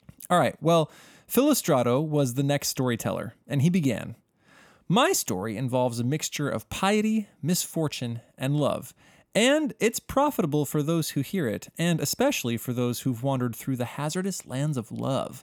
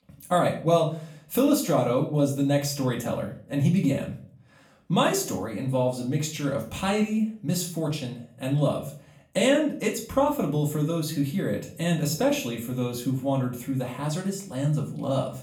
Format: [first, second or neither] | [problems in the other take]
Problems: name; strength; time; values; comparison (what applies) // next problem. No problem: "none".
first | off-mic speech; far // room echo; slight; dies away in 0.4 s